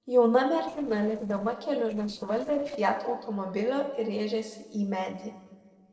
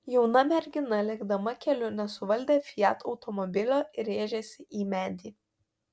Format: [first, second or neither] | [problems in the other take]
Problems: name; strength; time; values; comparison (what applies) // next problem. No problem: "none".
second | noise reduction (neural separator model SepFormer DNS4)